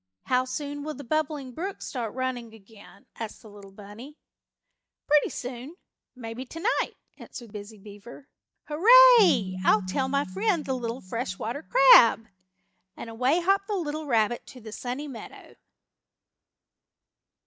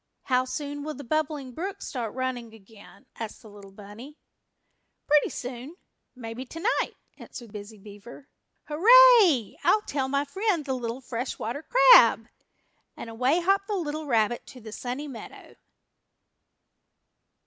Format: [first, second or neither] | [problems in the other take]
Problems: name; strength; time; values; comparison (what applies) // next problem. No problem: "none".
second | noise reduction (neural mask model DeepFilterNet 3)